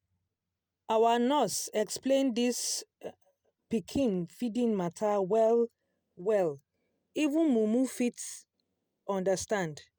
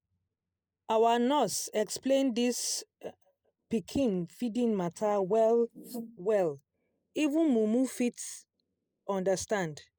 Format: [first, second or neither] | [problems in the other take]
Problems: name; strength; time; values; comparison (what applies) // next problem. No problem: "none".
first | noise reduction (neural mask model Resemble Enhance denoiser)